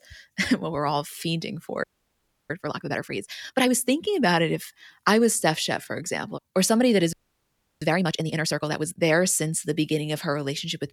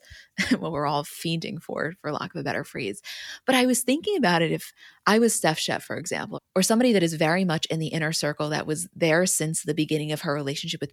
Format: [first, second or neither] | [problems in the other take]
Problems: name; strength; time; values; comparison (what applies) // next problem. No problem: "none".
second | audio freezing; at 2 s for 0.5 s and at 7 s for 0.5 s